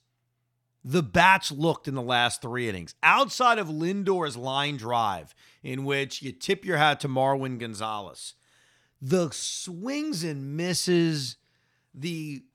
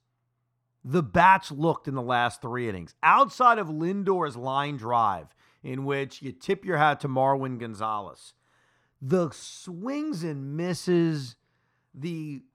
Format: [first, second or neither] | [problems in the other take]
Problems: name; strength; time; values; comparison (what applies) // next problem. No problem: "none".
first | muffled; slightly; fading above 2 kHz